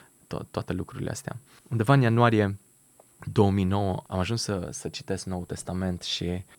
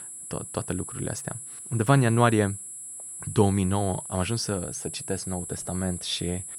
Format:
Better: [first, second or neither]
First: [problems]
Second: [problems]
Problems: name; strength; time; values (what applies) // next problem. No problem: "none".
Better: first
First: high-pitched whine; faint; throughout; 11 kHz, 35 dB below the speech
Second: high-pitched whine; loud; throughout; 11 kHz, 9 dB below the speech